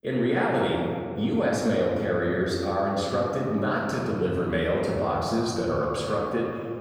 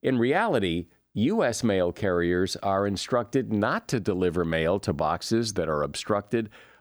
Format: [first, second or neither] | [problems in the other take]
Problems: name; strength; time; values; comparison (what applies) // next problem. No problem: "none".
second | off-mic speech; far // room echo; noticeable; dies away in 2.1 s